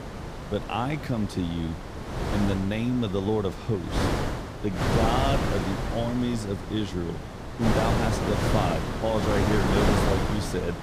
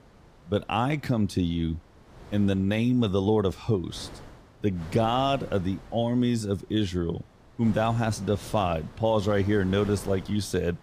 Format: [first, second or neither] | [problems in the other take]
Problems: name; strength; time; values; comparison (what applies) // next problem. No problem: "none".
second | wind noise on the microphone; heavy; as loud as the speech; occasional gusts in the second